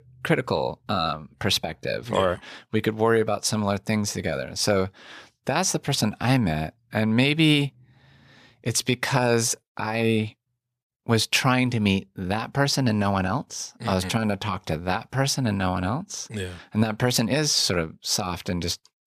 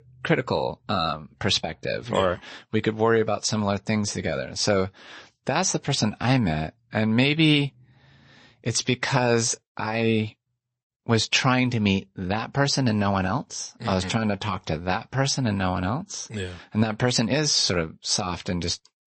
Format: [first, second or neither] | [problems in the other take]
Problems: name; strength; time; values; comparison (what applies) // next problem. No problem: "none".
first | garbled, watery; slightly; nothing above 8 kHz